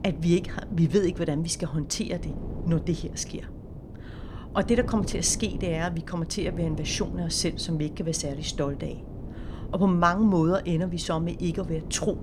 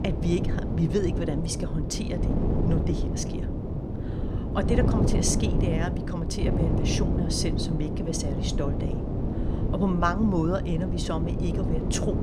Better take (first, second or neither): first